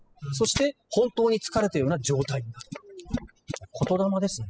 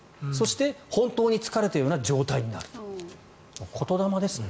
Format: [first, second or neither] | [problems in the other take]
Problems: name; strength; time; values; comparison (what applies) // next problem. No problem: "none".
second | noise reduction (classical method spectral subtraction)